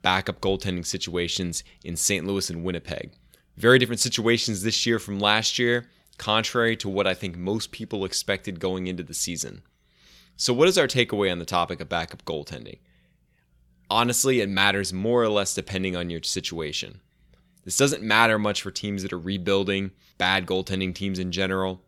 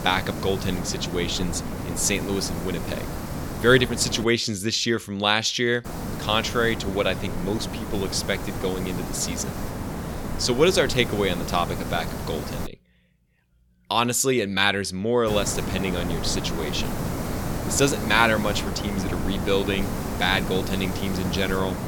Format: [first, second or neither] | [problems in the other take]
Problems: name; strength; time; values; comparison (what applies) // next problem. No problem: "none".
first | hiss; loud; until 4 s, from 6 to 13 s and from 15 s on; 7 dB below the speech